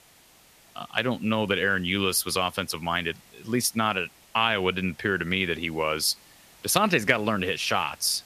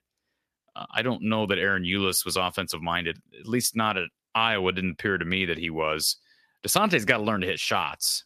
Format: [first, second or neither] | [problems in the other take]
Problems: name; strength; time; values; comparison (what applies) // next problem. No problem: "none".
second | hiss; faint; throughout; 25 dB below the speech